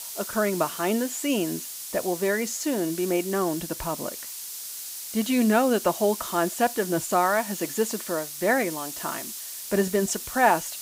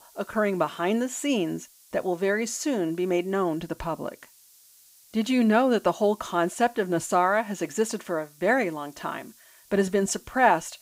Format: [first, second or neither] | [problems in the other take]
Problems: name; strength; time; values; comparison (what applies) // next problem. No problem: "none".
second | hiss; loud; throughout; 8 dB below the speech; faint in the second